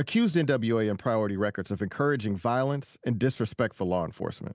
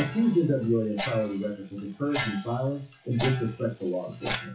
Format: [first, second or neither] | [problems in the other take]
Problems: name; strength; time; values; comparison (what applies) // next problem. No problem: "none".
first | noise reduction (classical method WPE with log-MMSE)